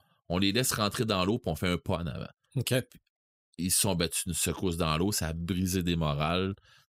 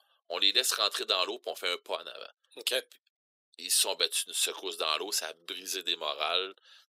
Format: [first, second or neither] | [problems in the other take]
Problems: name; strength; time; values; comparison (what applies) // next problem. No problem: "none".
first | thin; very; fading below 400 Hz